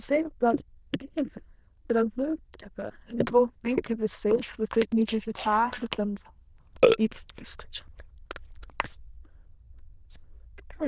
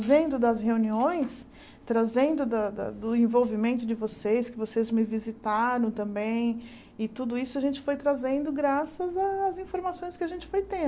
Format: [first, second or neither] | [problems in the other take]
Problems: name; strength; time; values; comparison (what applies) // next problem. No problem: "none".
second | noise reduction (neural diffusion model UNIVERSE++)